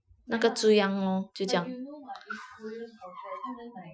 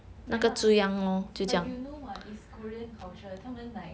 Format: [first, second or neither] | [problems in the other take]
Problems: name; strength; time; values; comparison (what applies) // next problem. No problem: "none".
second | noise reduction (classical method Wiener filter)